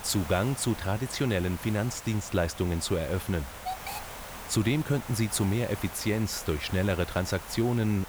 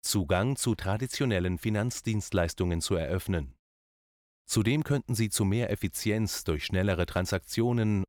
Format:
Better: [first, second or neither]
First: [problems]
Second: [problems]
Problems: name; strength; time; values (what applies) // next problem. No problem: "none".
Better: second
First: hiss; noticeable; throughout; 10 dB below the speech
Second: none